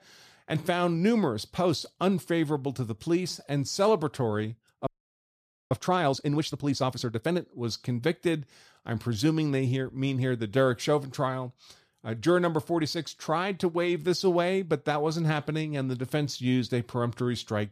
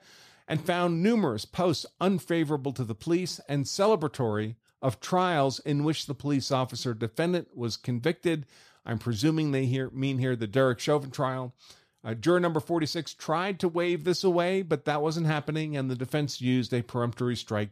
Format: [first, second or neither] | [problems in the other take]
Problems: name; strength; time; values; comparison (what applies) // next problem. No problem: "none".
second | audio freezing; at 5 s for 1 s